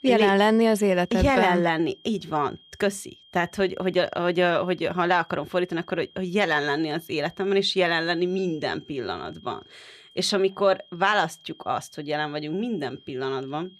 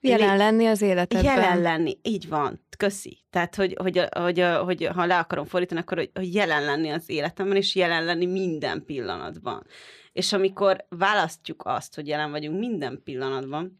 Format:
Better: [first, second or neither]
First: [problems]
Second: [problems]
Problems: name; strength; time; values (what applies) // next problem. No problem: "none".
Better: second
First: high-pitched whine; faint; throughout; 3 kHz, 25 dB below the speech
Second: none